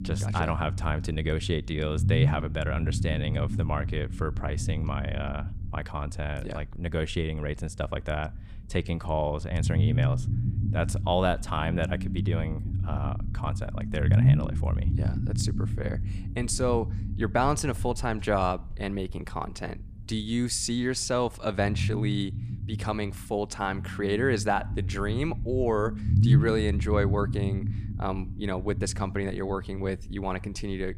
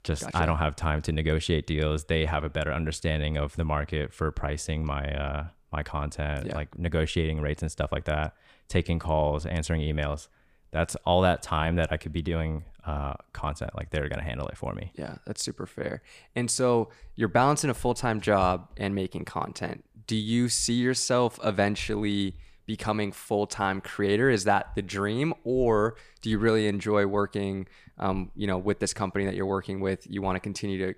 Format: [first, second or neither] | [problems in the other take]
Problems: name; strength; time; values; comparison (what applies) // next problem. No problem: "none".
second | low rumble; noticeable; throughout; 10 dB below the speech